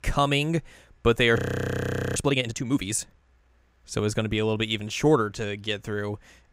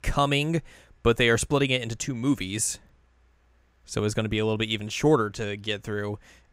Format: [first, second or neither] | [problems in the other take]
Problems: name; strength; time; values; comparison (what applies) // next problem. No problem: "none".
second | audio freezing; at 1.5 s for 1 s